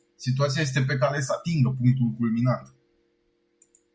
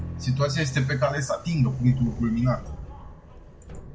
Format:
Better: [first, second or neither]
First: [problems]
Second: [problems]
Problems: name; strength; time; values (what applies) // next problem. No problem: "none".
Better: first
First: none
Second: background sound (Bowed string instrument + Subway, metro, underground); 11 dB below the speech